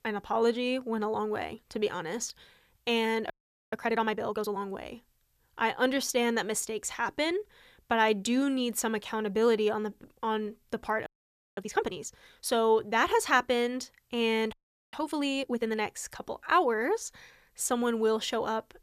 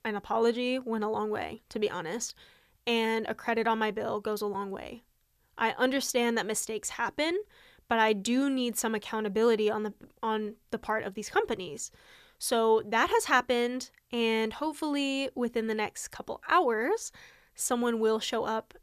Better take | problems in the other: second | audio freezing; at 3.5 s, at 11 s for 0.5 s and at 15 s

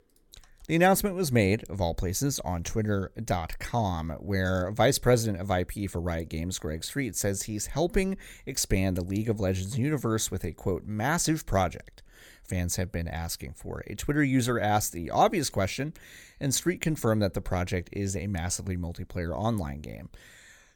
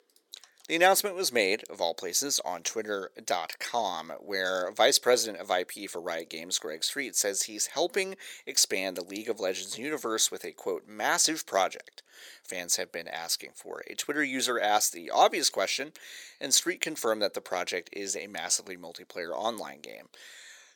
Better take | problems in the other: first | thin; very; fading below 400 Hz

